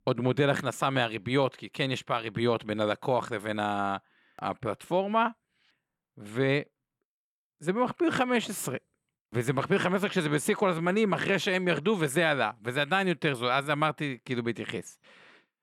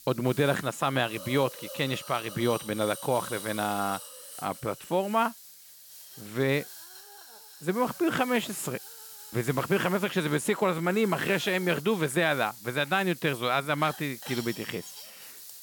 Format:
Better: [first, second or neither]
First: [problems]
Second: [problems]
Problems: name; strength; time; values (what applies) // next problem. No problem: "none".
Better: first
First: none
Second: hiss; noticeable; throughout; 15 dB below the speech